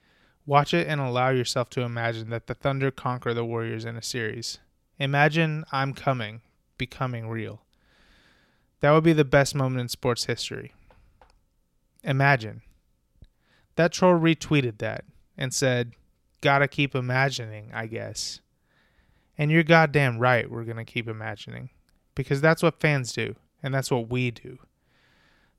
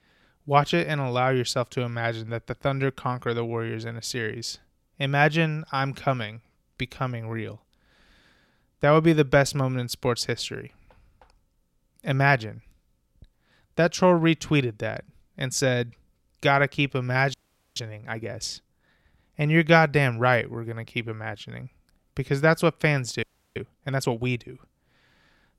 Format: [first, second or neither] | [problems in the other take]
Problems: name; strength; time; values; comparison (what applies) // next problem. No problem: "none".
first | audio freezing; at 17 s and at 23 s